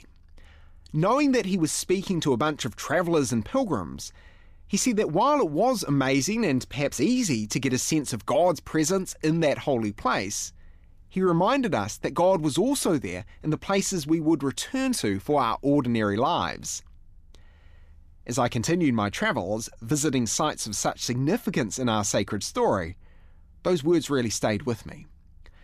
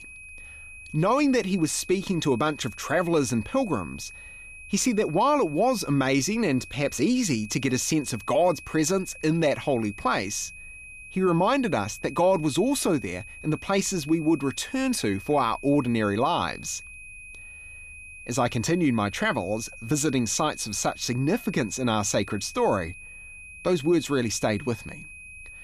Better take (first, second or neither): first